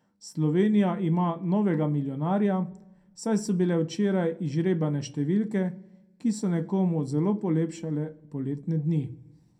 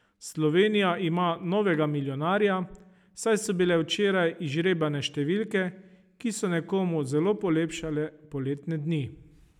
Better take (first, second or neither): second